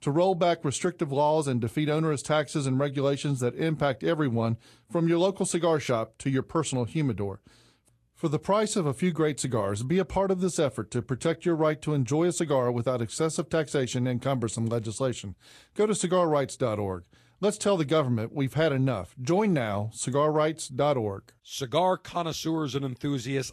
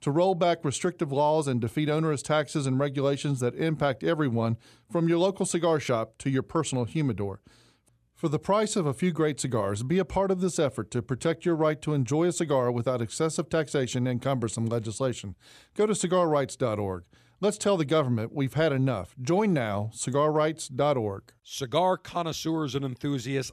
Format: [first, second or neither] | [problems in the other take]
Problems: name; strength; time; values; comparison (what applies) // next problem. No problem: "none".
second | garbled, watery; slightly